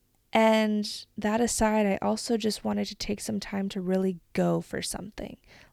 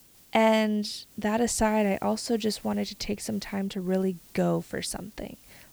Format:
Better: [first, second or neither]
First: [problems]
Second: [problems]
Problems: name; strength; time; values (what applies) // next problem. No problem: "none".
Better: first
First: none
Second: hiss; faint; throughout; 25 dB below the speech